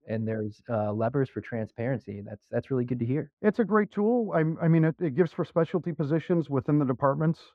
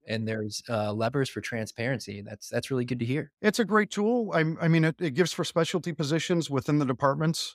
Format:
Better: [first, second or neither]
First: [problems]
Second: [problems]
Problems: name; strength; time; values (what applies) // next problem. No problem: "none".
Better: second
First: muffled; very; fading above 3 kHz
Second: none